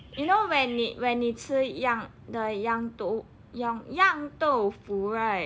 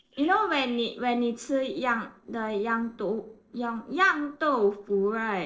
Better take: first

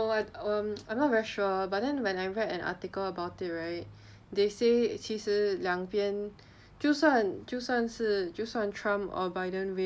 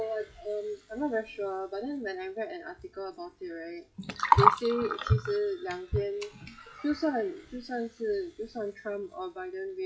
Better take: first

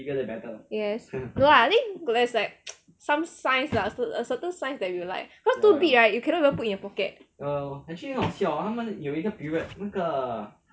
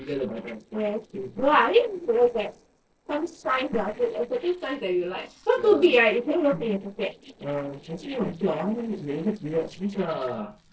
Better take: first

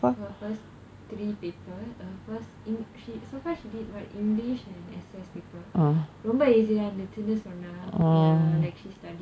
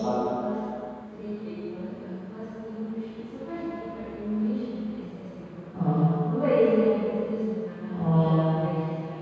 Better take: first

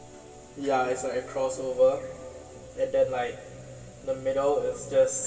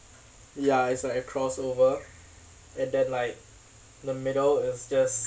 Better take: second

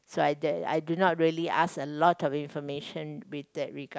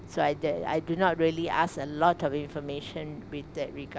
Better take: first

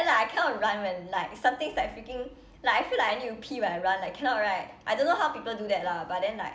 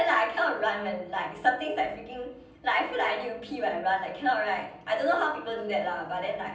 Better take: first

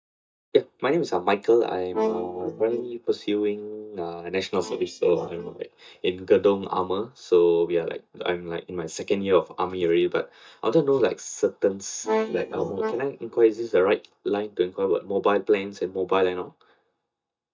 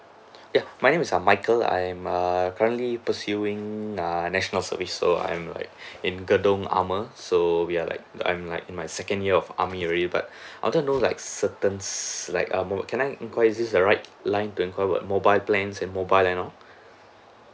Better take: second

